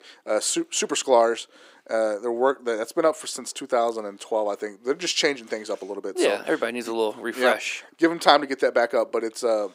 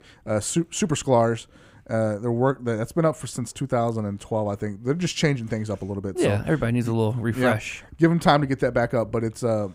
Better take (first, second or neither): second